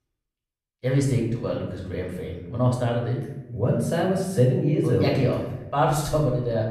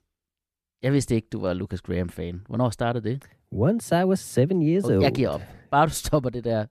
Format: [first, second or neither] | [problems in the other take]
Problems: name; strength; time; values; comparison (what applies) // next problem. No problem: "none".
second | off-mic speech; far // room echo; noticeable; dies away in 0.7 s